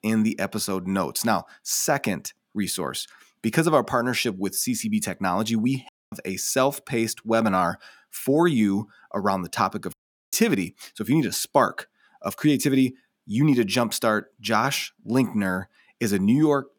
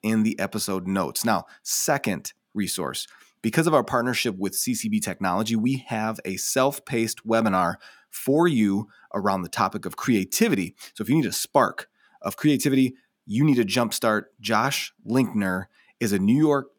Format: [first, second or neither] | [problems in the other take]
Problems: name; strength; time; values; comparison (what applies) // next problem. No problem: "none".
second | audio cutting out; at 6 s and at 10 s